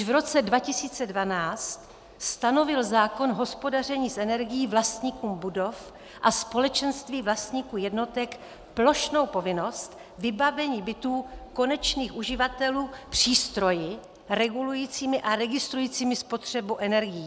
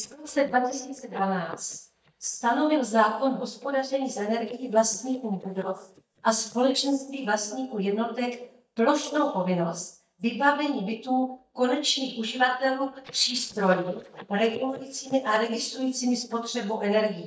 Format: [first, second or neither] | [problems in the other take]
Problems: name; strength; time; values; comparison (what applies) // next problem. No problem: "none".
first | noise reduction (neural mask model DeepFilterNet 3)